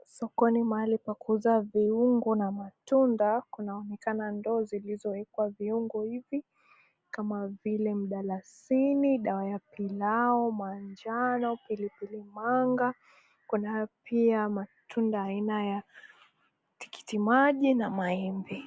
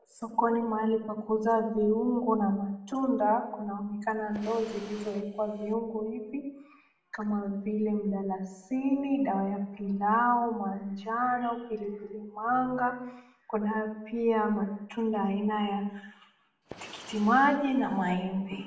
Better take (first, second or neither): first